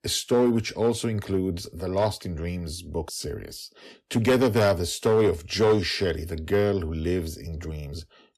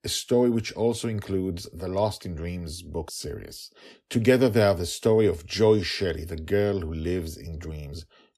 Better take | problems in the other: second | distortion; slight; 4% of the sound clipped

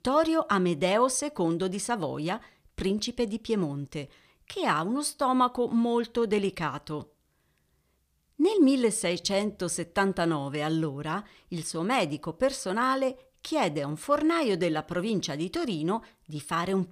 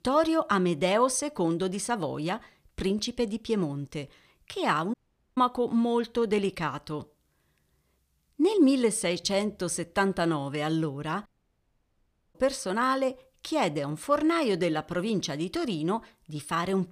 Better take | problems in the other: first | audio cutting out; at 5 s and at 11 s for 1 s

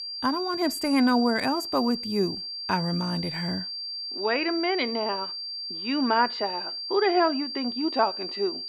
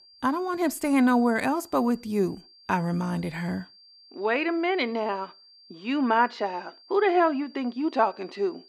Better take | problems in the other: second | high-pitched whine; loud; throughout; 4.5 kHz, 5 dB below the speech; faint in the second

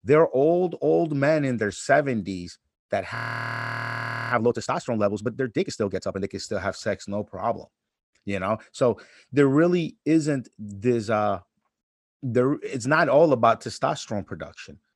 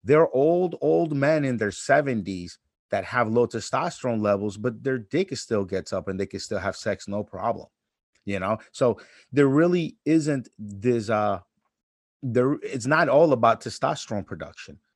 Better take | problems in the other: second | audio freezing; at 3 s for 1 s

